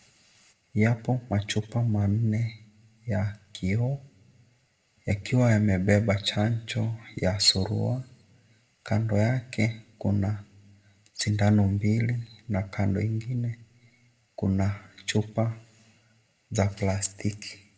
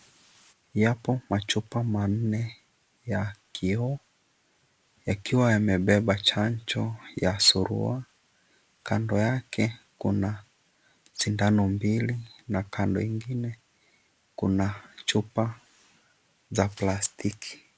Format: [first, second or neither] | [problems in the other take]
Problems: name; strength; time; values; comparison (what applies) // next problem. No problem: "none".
second | room echo; dies away in 0.4 s